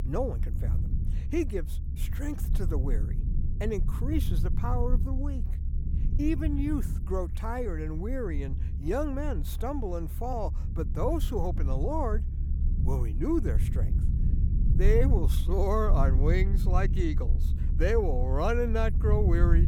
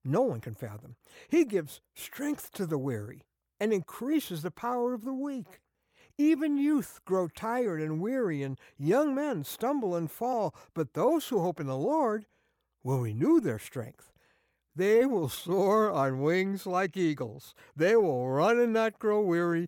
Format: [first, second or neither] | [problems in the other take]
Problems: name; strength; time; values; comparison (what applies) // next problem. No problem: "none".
second | low rumble; noticeable; throughout; 10 dB below the speech